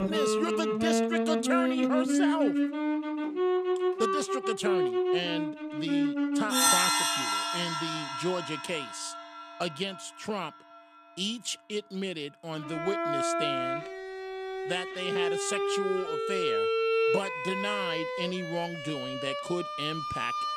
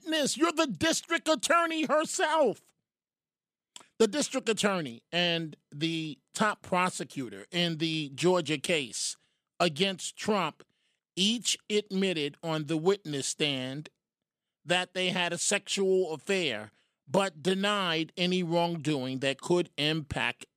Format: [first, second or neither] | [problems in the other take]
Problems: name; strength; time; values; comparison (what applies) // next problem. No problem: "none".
second | background music; very loud; throughout; 5 dB above the speech